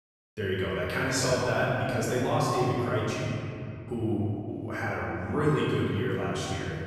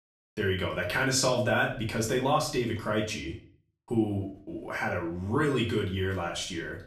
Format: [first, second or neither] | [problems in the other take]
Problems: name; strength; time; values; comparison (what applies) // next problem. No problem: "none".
second | room echo; strong; dies away in 3 s; slight in the second // off-mic speech; far; far in the second